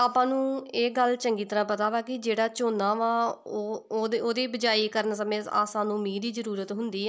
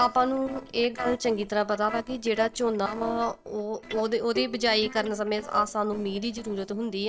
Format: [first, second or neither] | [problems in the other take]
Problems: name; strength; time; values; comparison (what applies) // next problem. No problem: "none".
first | noise reduction (neural separator model SepFormer DNS4)